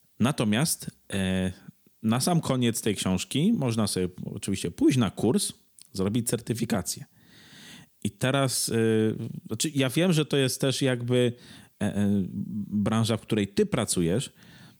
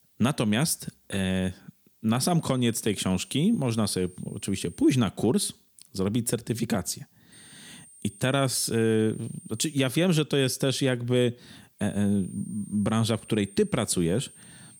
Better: first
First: none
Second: high-pitched whine; faint; from 2.5 to 5 s, from 7.5 to 10 s and from 12 s on; 8.5 kHz, 20 dB below the speech

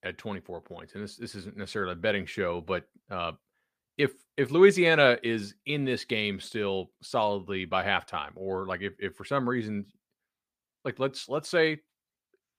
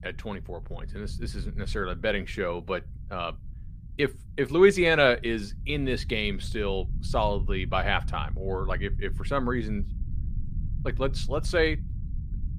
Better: first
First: none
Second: low rumble; faint; throughout; 25 dB below the speech

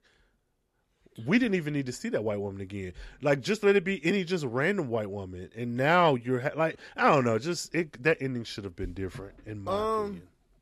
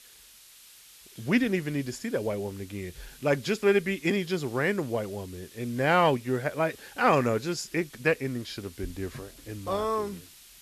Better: first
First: none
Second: hiss; faint; throughout; 20 dB below the speech

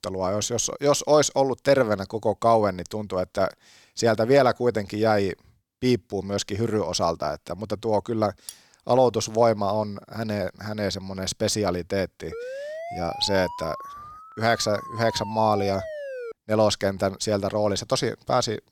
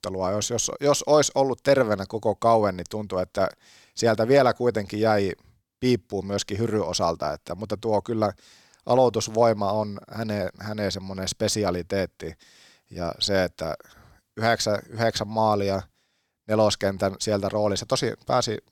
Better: second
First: clattering dishes; faint; at 8.5 s; peak 15 dB below the speech // siren; noticeable; from 12 to 16 s; peak 10 dB below the speech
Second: none

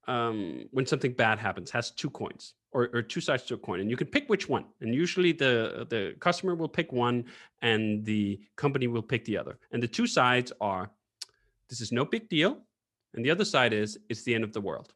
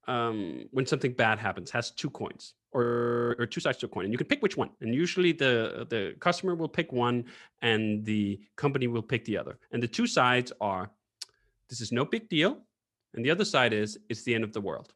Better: first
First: none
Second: audio freezing; at 3 s

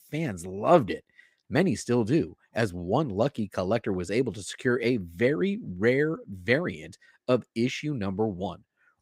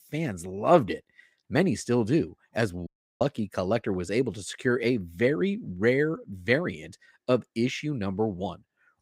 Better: first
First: none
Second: audio cutting out; at 3 s

